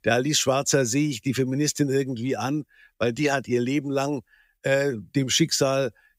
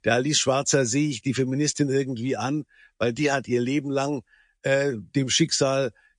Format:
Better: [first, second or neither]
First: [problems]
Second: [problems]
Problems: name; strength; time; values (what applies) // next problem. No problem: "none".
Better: first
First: none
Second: garbled, watery; slightly